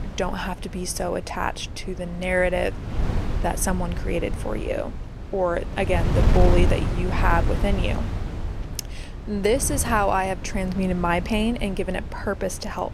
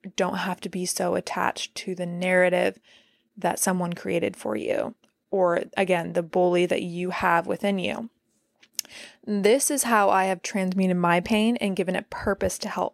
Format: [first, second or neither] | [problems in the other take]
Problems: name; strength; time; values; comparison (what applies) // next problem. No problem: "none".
second | wind noise on the microphone; occasional gusts; 10 dB below the speech